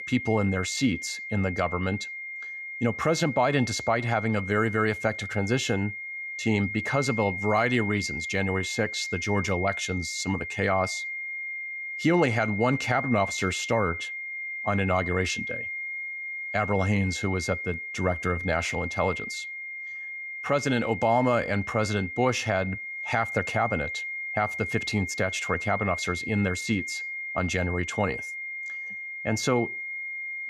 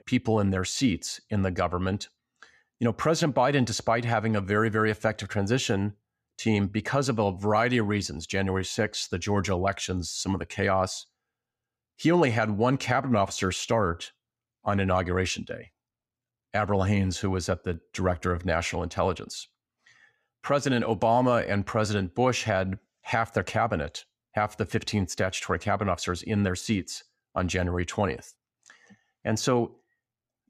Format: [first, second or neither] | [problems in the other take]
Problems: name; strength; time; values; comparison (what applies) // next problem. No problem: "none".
second | high-pitched whine; loud; throughout; 2 kHz, 5 dB below the speech